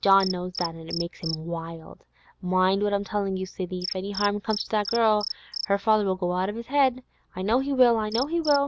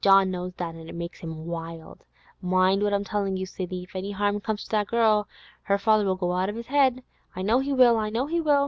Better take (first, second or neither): second